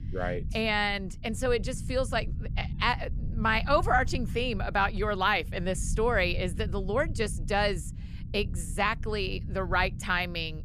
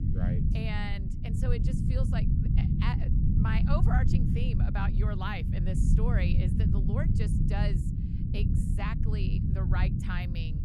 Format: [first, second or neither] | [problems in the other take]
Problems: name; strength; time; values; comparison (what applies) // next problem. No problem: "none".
first | low rumble; loud; throughout; 1 dB below the speech; faint in the first